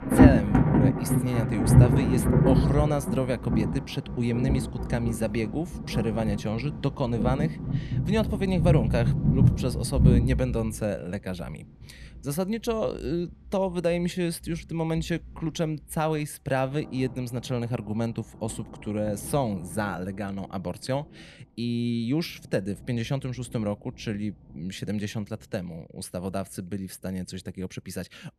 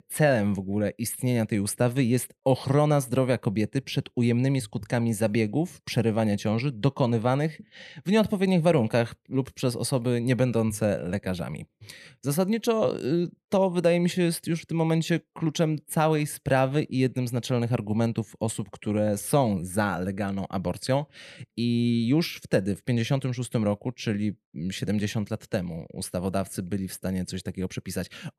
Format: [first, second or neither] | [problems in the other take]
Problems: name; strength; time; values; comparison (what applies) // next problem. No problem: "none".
second | rain or running water; very loud; throughout; 5 dB above the speech